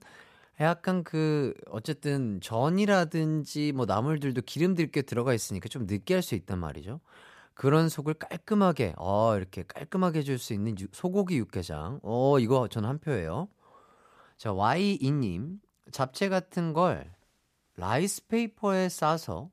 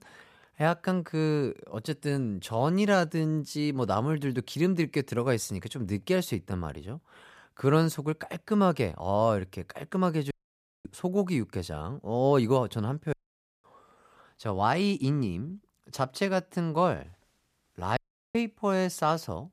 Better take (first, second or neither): first